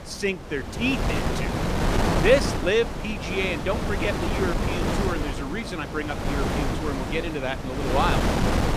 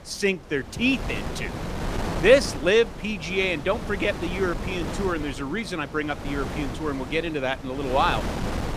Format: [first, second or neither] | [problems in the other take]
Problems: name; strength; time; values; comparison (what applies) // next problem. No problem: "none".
second | wind noise on the microphone; heavy; 2 dB below the speech; occasional gusts in the second